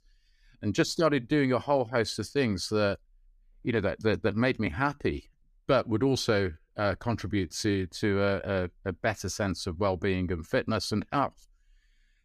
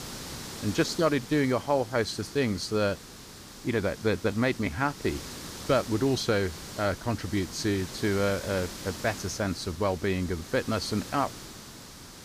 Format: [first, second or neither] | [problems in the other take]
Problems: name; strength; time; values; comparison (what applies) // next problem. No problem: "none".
first | hiss; noticeable; throughout; 10 dB below the speech